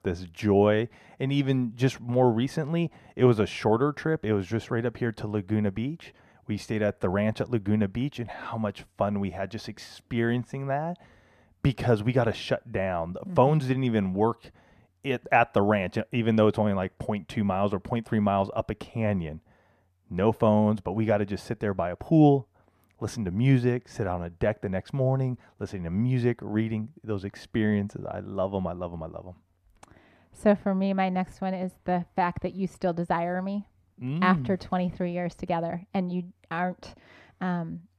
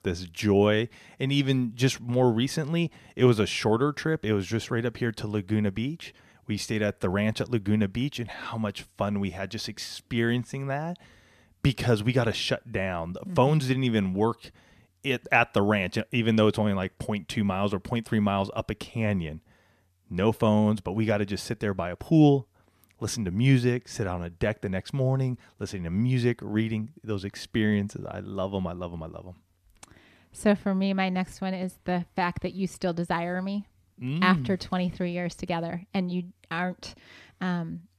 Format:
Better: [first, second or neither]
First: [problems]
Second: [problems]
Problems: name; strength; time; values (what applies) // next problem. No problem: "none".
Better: second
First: muffled; slightly; fading above 2.5 kHz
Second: none